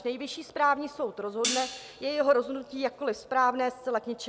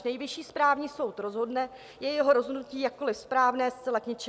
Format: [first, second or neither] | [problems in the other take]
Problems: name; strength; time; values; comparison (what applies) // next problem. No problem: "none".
second | background sound (Hi-hat); 8 dB below the speech